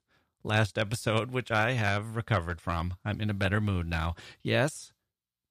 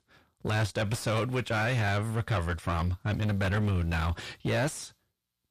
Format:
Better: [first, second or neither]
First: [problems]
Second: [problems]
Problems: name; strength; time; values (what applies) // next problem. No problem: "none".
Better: first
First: none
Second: distortion; heavy; 6 dB below the speech